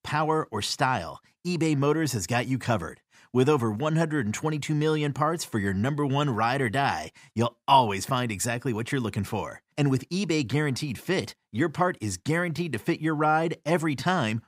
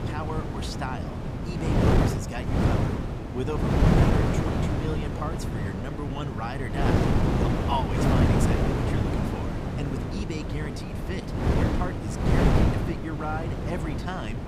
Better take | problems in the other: first | wind noise on the microphone; heavy; 4 dB above the speech

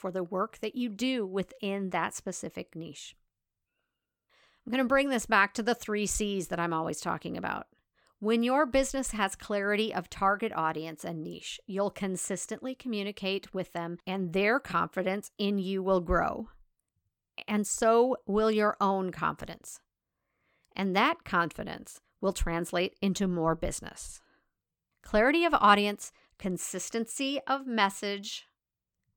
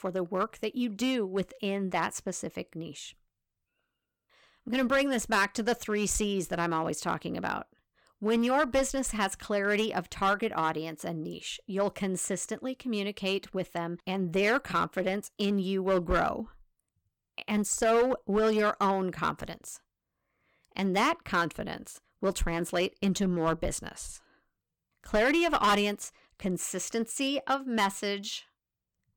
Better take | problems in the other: first | distortion; slight; 4% of the sound clipped

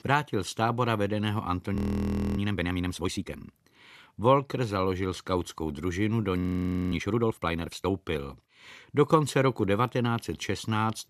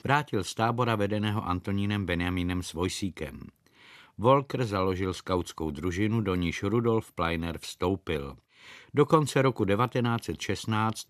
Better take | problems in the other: second | audio freezing; at 2 s for 0.5 s and at 6.5 s for 0.5 s

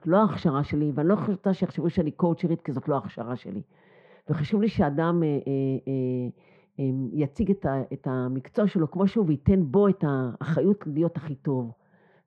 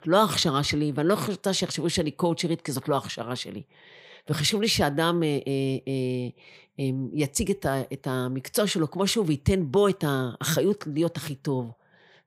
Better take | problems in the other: second | muffled; very; fading above 1.5 kHz

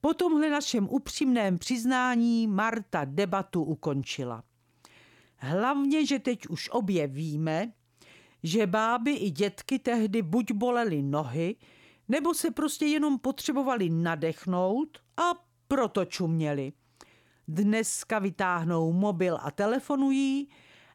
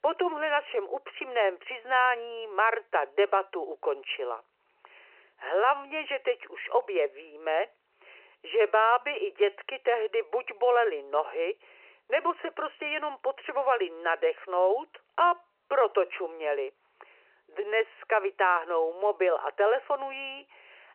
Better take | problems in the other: first | phone-call audio

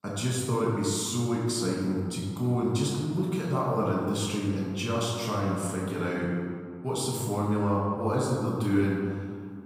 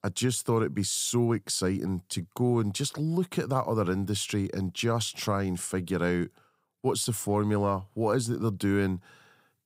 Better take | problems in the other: second | off-mic speech; far // room echo; noticeable; dies away in 1.7 s

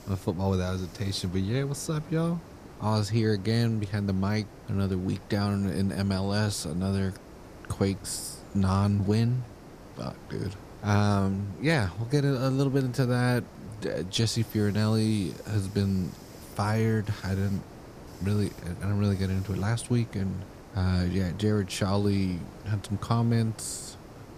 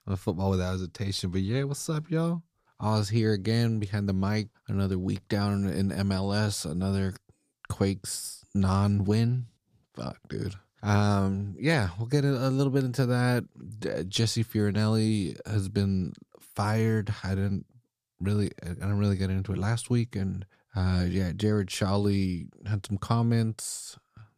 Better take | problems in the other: second | hiss; noticeable; throughout; 20 dB below the speech

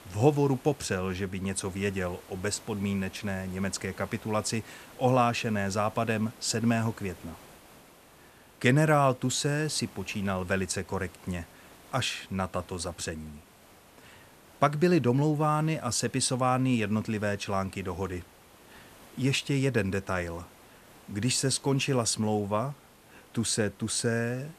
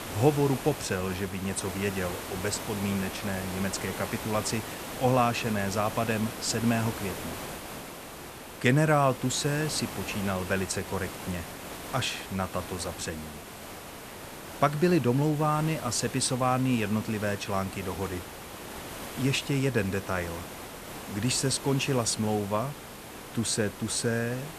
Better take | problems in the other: first | hiss; loud; throughout; 10 dB below the speech; faint in the first

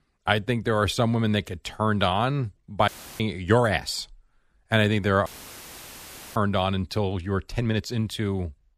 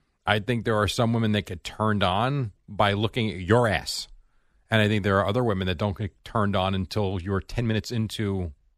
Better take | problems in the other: second | audio cutting out; filled with static; at 3 s and at 5.5 s for 1 s

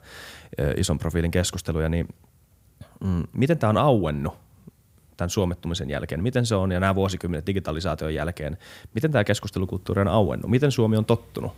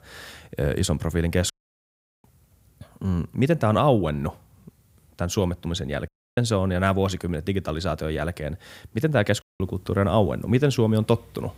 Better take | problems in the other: first | audio cutting out; at 1.5 s for 0.5 s, at 6 s and at 9.5 s

